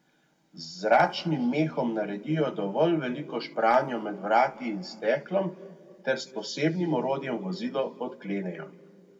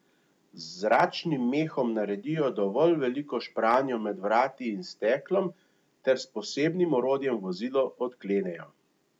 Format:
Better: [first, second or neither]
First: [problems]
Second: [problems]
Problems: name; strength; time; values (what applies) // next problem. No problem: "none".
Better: second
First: room echo; dies away in 1.3 s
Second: none